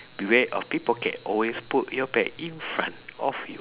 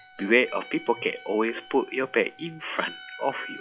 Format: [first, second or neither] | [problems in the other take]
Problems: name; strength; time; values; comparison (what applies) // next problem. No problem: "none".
first | noise reduction (classical method log-MMSE)